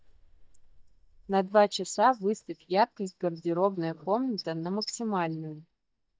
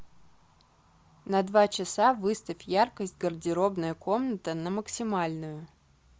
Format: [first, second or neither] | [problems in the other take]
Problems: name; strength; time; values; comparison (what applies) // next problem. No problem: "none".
second | noise reduction (neural mask model DeepFilterNet 3)